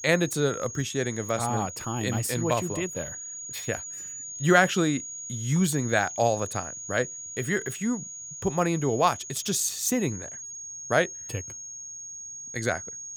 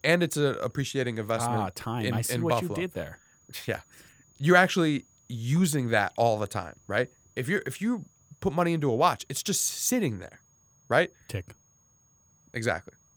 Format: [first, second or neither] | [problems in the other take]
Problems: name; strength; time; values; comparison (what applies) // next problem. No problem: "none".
second | high-pitched whine; loud; throughout; 6.5 kHz, 9 dB below the speech; faint in the second